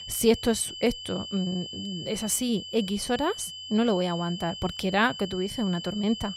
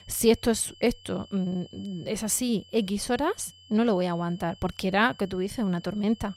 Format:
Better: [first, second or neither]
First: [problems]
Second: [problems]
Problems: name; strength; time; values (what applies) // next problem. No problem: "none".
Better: second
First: high-pitched whine; loud; throughout; 3 kHz, 9 dB below the speech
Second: high-pitched whine; faint; throughout; 3 kHz, 25 dB below the speech